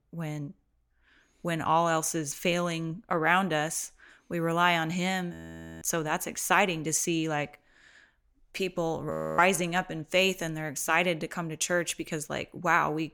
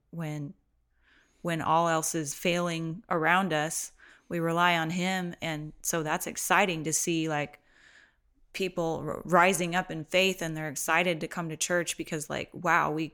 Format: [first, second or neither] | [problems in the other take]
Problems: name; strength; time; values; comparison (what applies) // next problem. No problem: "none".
second | audio freezing; at 5.5 s and at 9 s